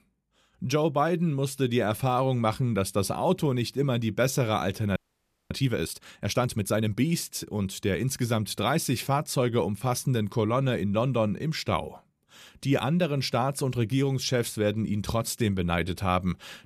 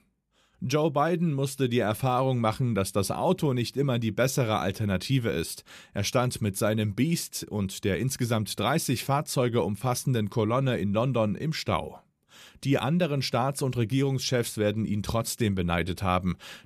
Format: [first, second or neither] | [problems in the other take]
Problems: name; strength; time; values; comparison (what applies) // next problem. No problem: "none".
second | audio freezing; at 5 s for 0.5 s